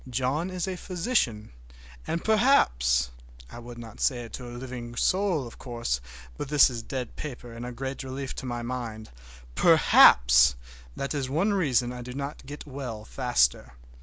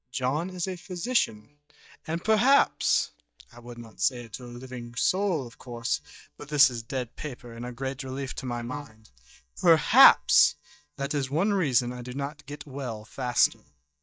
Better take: first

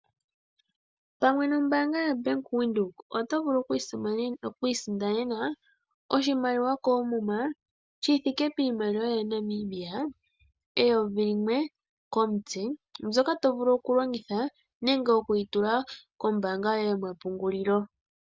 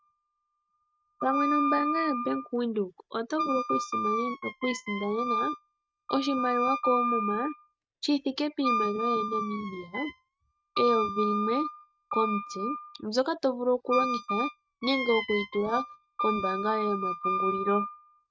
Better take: first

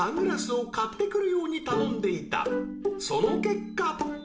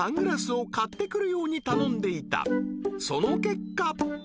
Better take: second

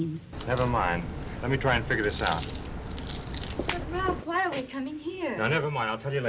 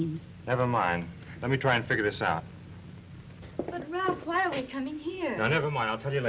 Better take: second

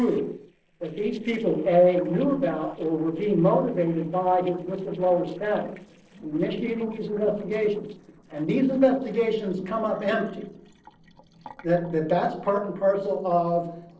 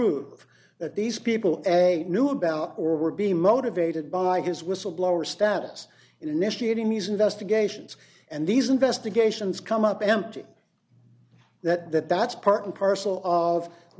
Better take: second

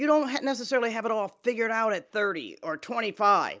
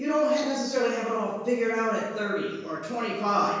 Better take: first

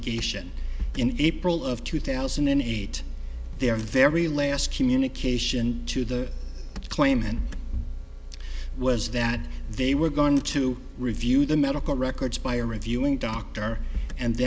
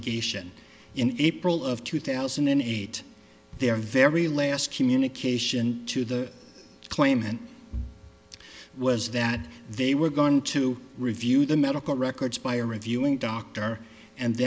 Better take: second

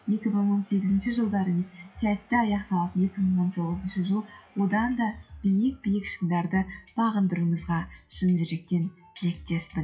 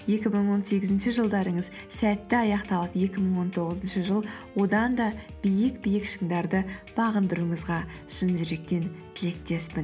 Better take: second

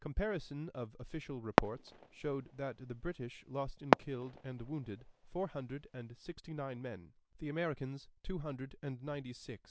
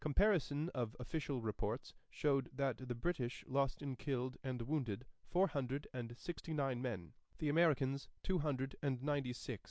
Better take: second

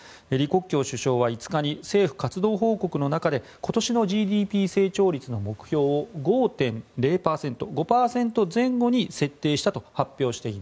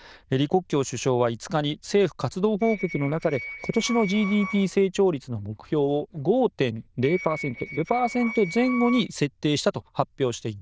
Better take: first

